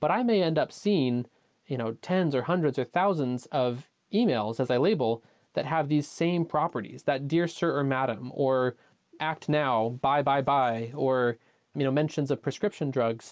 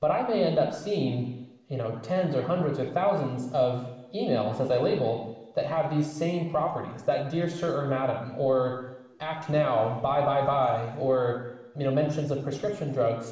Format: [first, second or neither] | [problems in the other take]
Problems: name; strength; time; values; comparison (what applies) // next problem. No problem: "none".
first | room echo; dies away in 0.9 s